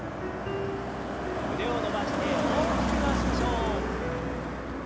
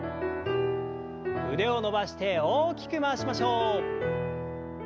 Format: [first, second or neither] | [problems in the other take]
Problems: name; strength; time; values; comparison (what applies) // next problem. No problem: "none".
second | background sound (Car passing by); 4 dB above the speech